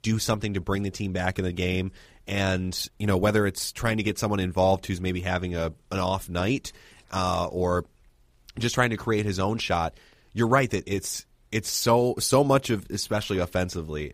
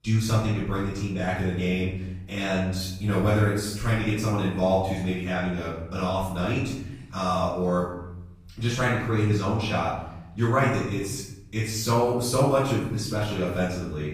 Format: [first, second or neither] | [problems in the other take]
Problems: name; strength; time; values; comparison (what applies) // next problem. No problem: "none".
first | room echo; noticeable; dies away in 0.9 s // off-mic speech; far